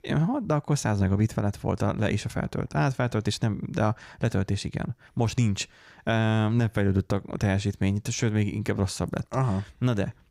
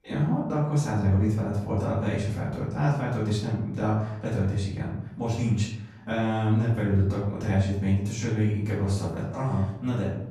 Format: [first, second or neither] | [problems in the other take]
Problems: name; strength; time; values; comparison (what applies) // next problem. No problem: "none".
first | off-mic speech; far // room echo; noticeable; dies away in 0.7 s